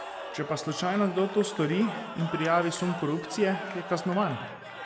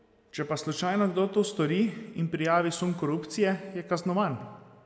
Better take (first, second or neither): second